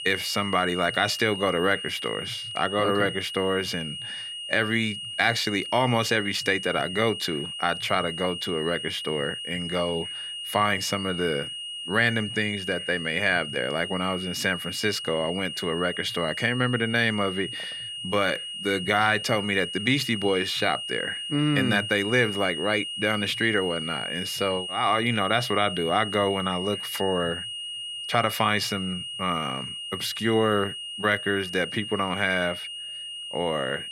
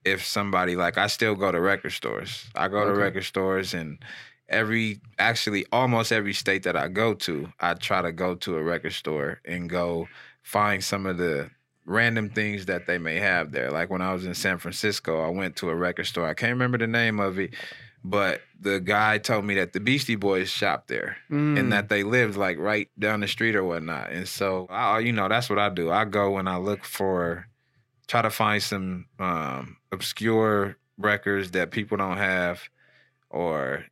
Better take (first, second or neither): second